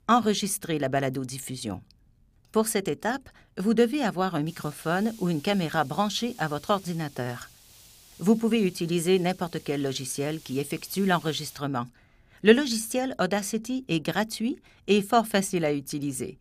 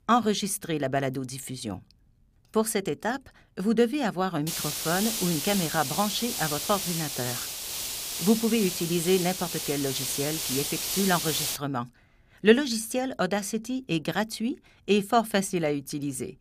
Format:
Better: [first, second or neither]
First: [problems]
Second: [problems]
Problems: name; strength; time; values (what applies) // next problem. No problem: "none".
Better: first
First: hiss; faint; from 4.5 to 12 s; 25 dB below the speech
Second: hiss; loud; from 4.5 to 12 s; 2 dB below the speech